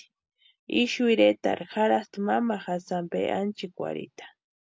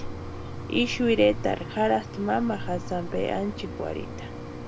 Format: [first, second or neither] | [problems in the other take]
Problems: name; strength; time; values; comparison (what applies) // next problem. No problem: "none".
first | background sound (Mechanisms); 8 dB below the speech